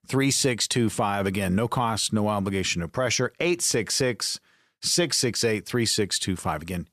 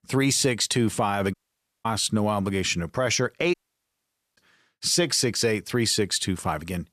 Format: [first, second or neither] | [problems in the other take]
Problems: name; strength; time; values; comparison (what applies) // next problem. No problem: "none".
first | audio cutting out; at 1.5 s for 0.5 s and at 3.5 s for 1 s